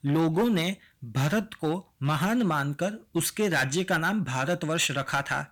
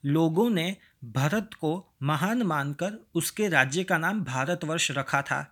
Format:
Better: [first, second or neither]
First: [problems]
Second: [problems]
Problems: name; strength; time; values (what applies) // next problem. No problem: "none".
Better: second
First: distortion; slight; 7% of the sound clipped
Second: none